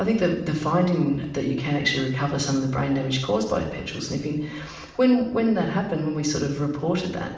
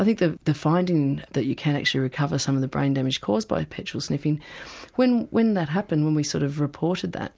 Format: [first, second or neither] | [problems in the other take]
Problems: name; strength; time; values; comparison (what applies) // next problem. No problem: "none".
second | room echo; dies away in 0.9 s